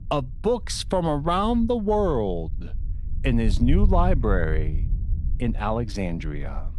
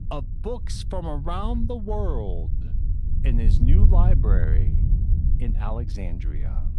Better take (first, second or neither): first